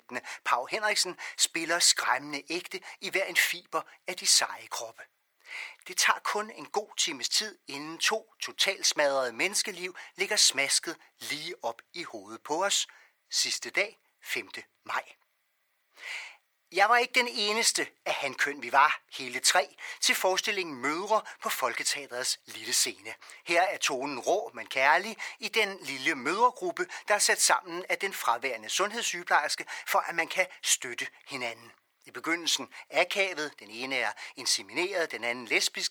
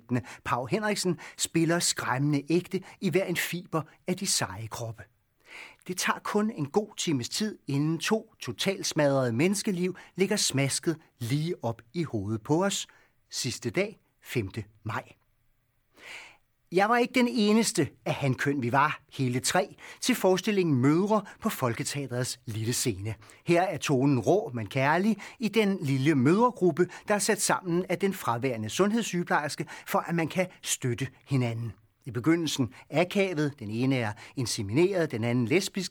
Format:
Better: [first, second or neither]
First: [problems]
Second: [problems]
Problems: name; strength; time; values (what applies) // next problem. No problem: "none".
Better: second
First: thin; very; fading below 700 Hz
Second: none